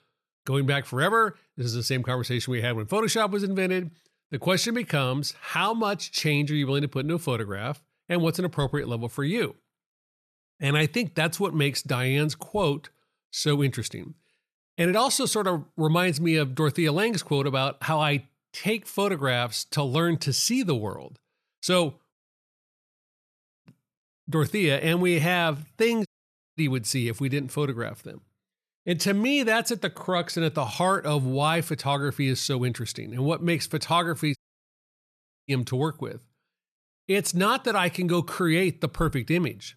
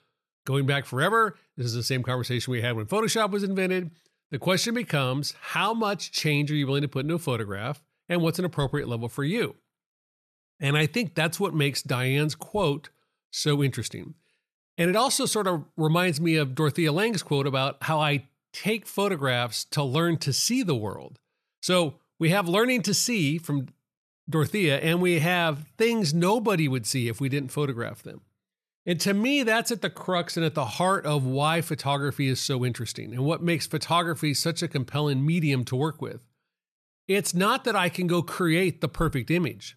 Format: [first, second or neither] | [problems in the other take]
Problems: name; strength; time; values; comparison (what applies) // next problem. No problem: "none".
second | audio cutting out; at 22 s for 1.5 s, at 26 s for 0.5 s and at 34 s for 1 s